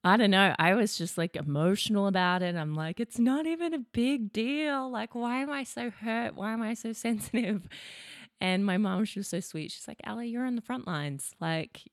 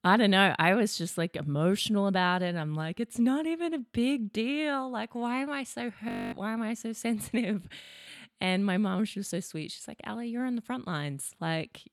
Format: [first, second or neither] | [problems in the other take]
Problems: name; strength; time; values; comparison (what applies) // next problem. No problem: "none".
first | audio freezing; at 6 s and at 8 s